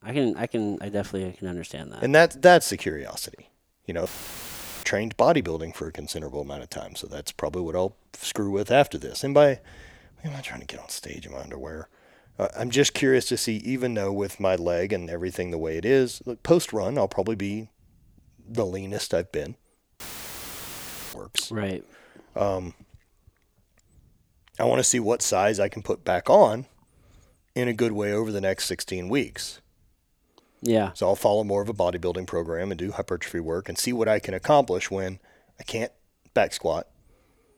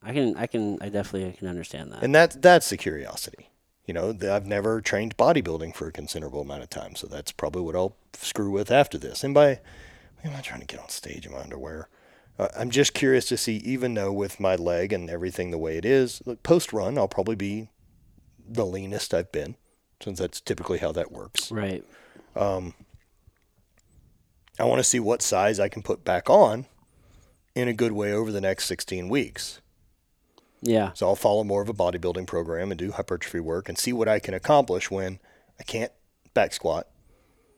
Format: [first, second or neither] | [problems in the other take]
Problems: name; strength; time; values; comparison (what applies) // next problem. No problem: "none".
second | audio cutting out; filled with static; at 4 s for 1 s and at 20 s for 1 s